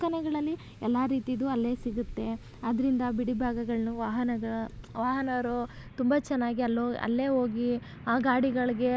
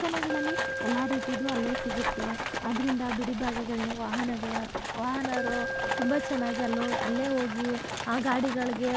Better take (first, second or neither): first